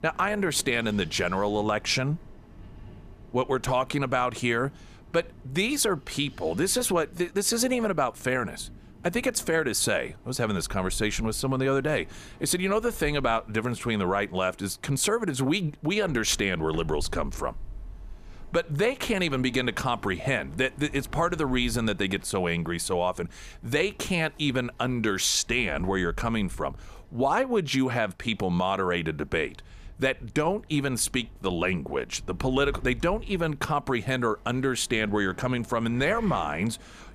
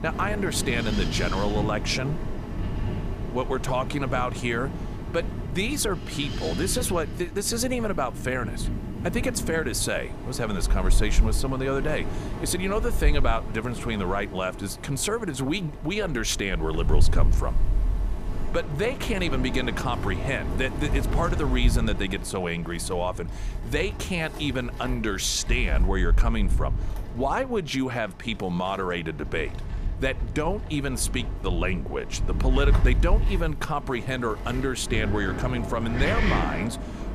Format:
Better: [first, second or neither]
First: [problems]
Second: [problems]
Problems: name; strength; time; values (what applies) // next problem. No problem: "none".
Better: first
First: wind in the background; faint; throughout; 20 dB below the speech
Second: wind in the background; loud; throughout; 2 dB below the speech